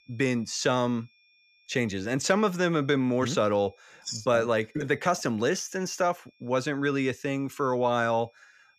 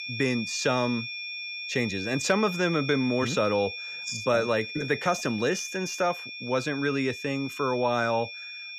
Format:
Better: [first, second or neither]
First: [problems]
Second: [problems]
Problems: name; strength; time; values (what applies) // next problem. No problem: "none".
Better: first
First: high-pitched whine; faint; throughout; 2.5 kHz, 35 dB below the speech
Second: high-pitched whine; loud; throughout; 2.5 kHz, 7 dB below the speech